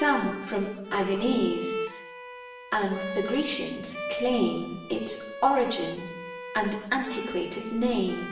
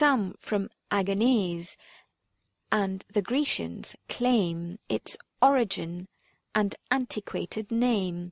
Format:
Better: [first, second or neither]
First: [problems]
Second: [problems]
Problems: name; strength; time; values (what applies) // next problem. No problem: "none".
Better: second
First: background sound (Bowed string instrument); 9 dB below the speech // room echo; dies away in 0.9 s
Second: none